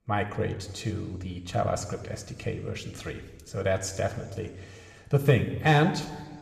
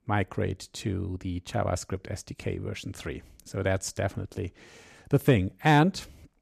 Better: second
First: room echo; slight; dies away in 1.2 s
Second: none

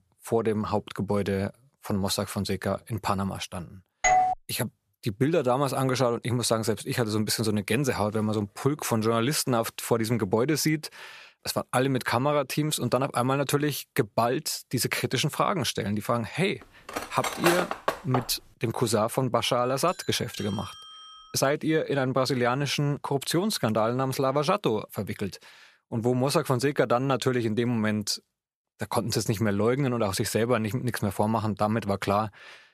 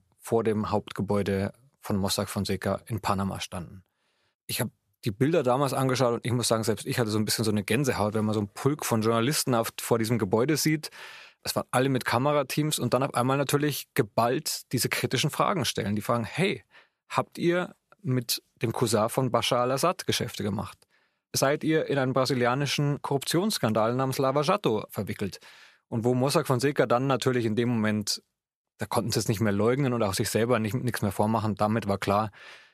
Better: second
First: doorbell; loud; at 4 s; peak 5 dB above the speech // clattering dishes; loud; from 17 to 18 s; peak 1 dB above the speech // doorbell; faint; from 20 to 21 s; peak 15 dB below the speech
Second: none

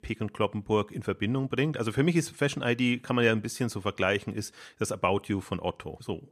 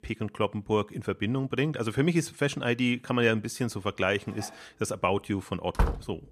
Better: first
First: none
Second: clattering dishes; faint; at 4 s; peak 15 dB below the speech // door banging; noticeable; at 6 s; peak 1 dB below the speech

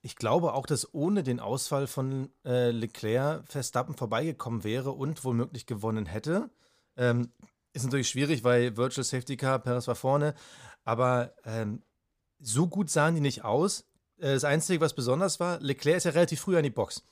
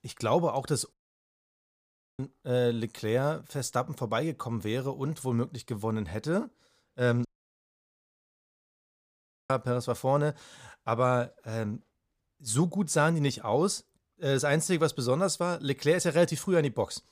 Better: first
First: none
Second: audio cutting out; at 1 s for 1.5 s and at 7.5 s for 2.5 s

